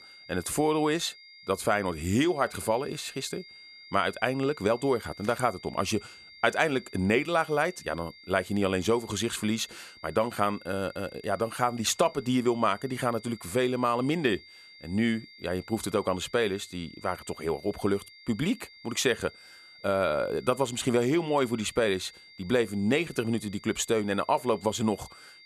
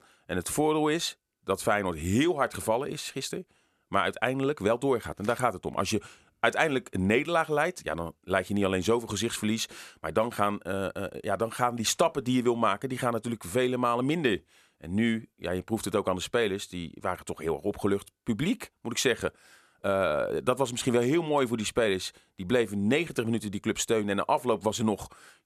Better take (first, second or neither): second